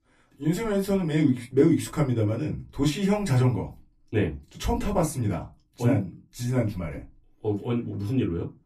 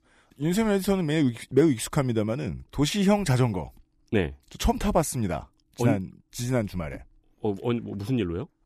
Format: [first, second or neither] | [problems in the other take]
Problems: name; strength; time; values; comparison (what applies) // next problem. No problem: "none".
second | off-mic speech; far // room echo; very slight; dies away in 0.2 s